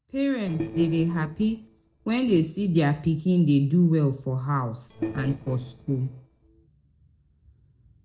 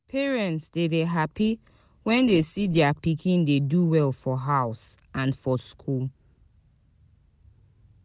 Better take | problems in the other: second | noise reduction (neural separator model SepFormer DNS4)

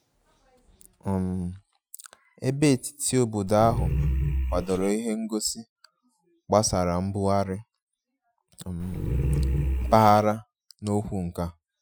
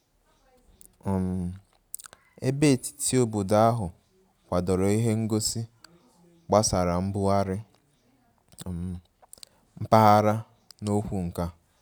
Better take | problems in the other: second | noise reduction (classical method Wiener filter)

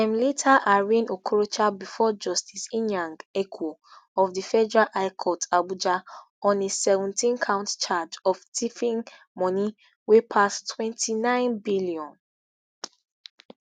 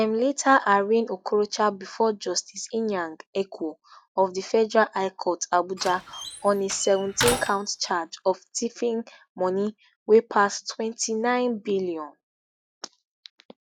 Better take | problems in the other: first | noise reduction (classical method log-MMSE)

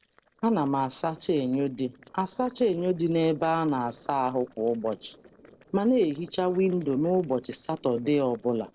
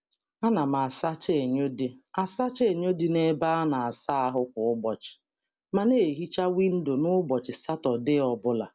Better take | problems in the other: second | noise reduction (neural separator model SepFormer DNS4)

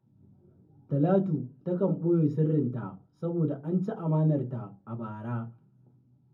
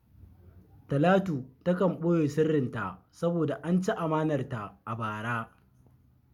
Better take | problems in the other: second | room echo; dies away in 0.4 s

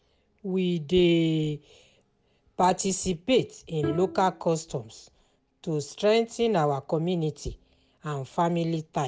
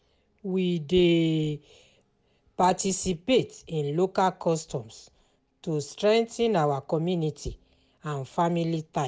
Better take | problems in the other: second | background sound (Bowed string instrument); 13 dB below the speech

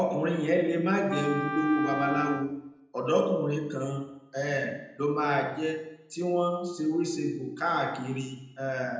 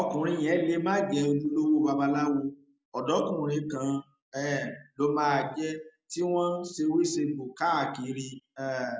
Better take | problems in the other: second | background sound (Wind instrument, woodwind instrument); 7 dB below the speech // room echo; dies away in 0.8 s

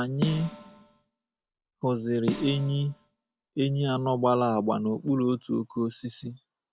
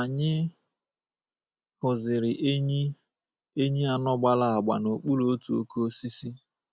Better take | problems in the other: second | background sound (Snare drum); 9 dB below the speech

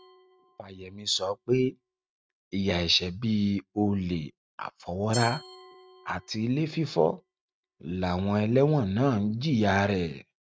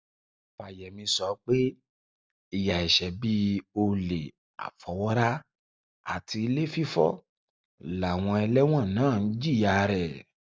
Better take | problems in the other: second | noise reduction (neural mask model RNNoise)

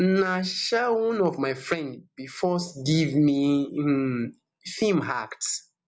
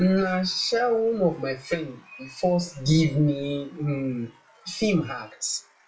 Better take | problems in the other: first | noise reduction (classical method WPE with log-MMSE)

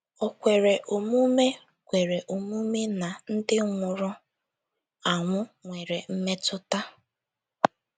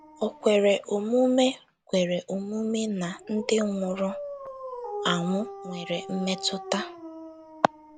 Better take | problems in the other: first | background sound (Dog); 13 dB below the speech

